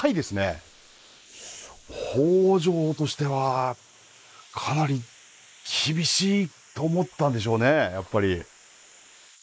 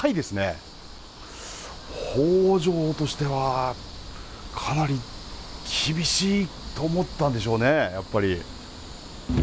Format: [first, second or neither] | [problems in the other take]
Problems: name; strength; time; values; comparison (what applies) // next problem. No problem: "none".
second | noise reduction (neural mask model Resemble Enhance denoiser)